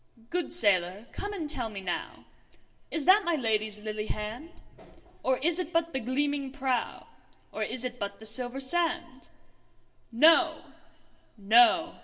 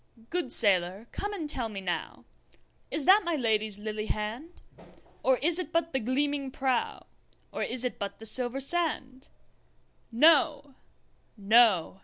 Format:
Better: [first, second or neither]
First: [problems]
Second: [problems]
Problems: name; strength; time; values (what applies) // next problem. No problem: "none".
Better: second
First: room echo; dies away in 0.6 s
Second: none